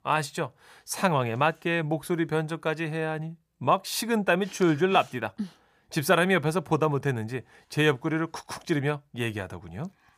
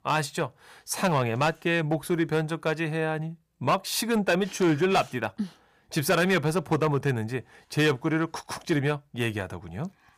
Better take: first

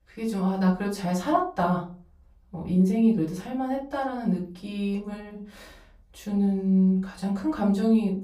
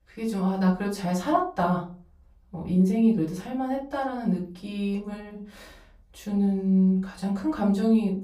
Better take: neither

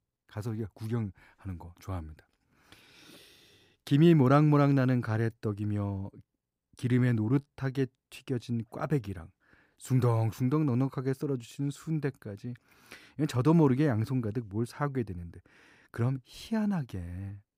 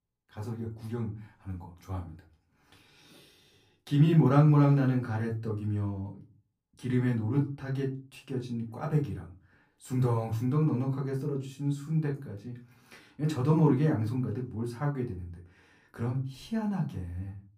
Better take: first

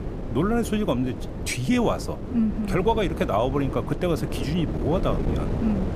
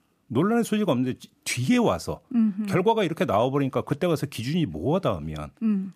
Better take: second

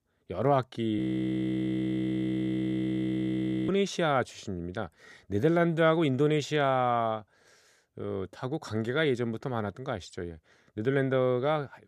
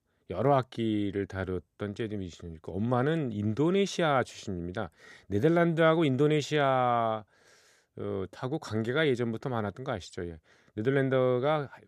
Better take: second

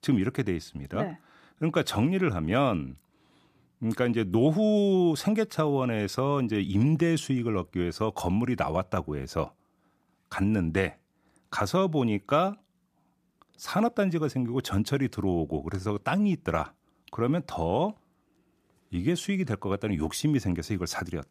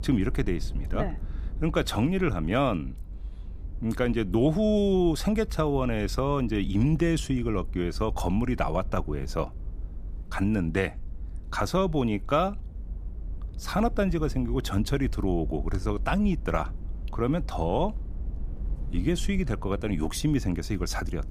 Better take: first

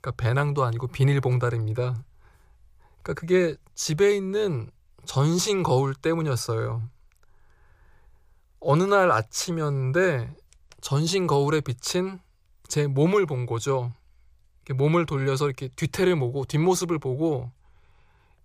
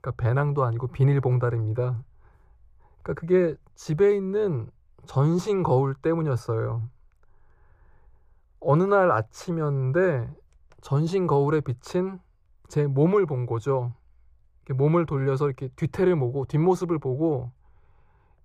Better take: first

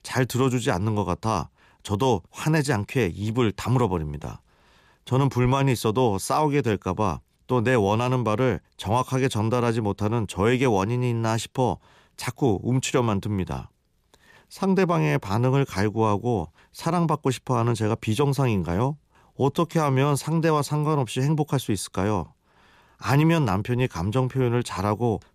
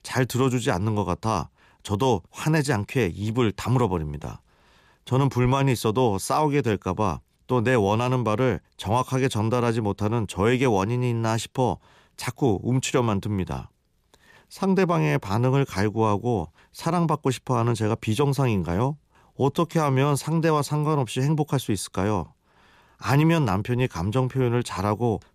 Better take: neither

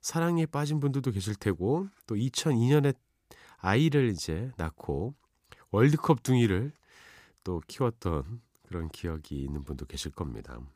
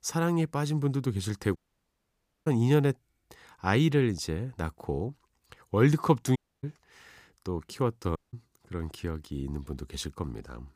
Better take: first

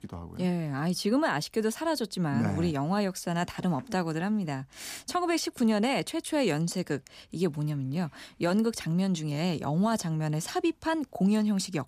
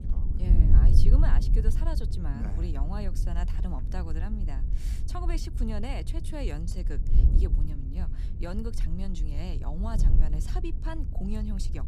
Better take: first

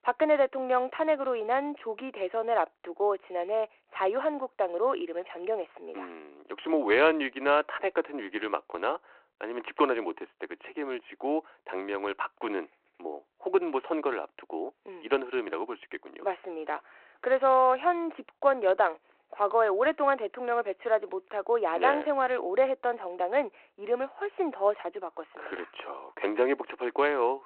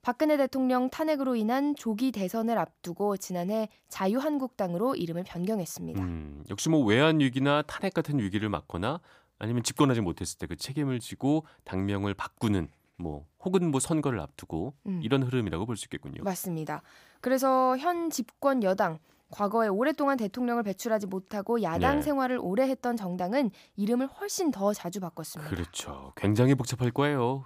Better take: second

